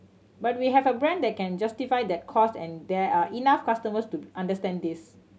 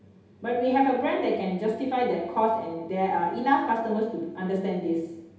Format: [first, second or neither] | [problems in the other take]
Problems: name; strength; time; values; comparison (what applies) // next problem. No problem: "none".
first | room echo; dies away in 0.8 s